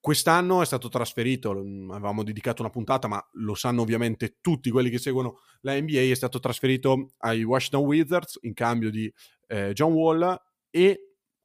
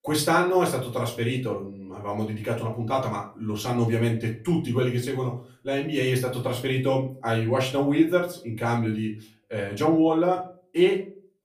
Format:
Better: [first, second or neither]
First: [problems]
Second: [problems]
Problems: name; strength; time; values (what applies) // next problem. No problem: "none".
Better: first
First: none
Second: room echo; slight; dies away in 0.3 s // off-mic speech; far